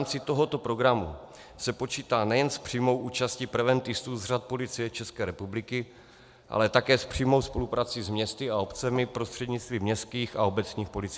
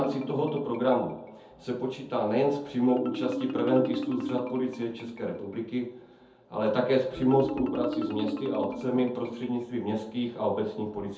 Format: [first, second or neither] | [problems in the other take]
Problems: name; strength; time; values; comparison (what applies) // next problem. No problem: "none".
first | background sound (Marimba, xylophone); 9 dB below the speech // room echo; dies away in 0.5 s